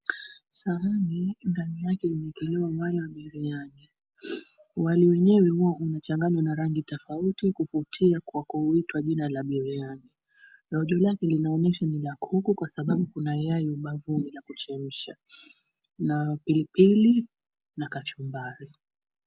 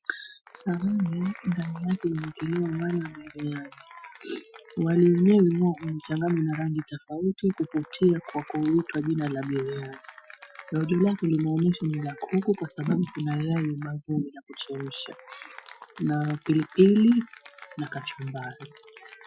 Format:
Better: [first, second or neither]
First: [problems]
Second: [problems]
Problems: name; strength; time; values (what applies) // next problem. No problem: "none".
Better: first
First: none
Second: noise reduction (classical method Wiener filter)